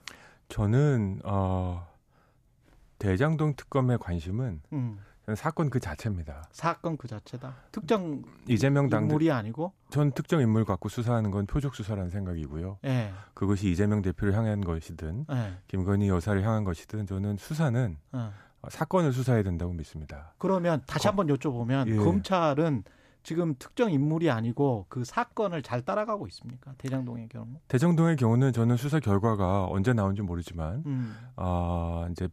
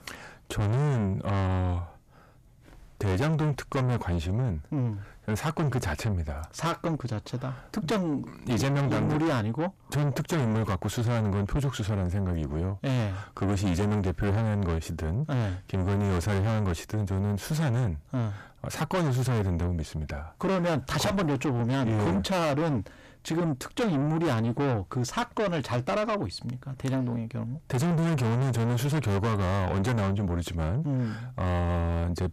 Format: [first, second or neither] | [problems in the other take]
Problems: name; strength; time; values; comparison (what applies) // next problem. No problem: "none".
first | distortion; heavy; 6 dB below the speech